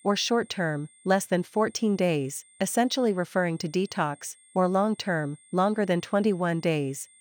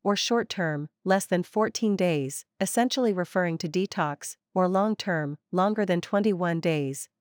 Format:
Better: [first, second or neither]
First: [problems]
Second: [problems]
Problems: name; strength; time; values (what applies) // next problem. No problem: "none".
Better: second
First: high-pitched whine; faint; throughout; 8.5 kHz, 30 dB below the speech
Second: none